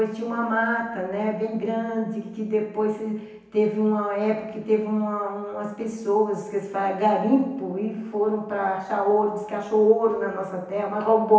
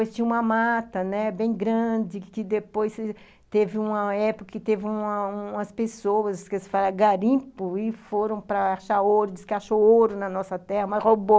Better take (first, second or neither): second